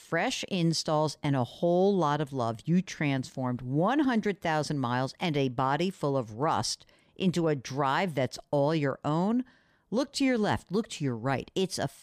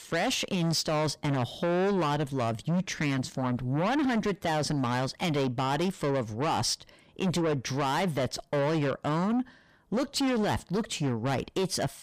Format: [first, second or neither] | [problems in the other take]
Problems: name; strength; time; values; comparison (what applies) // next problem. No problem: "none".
first | distortion; heavy; 7 dB below the speech